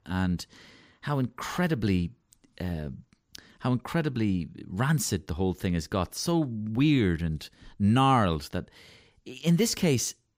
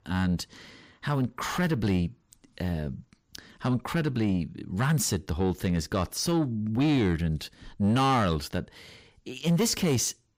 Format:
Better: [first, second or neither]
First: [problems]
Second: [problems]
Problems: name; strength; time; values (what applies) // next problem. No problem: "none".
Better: first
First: none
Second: distortion; slight; 10 dB below the speech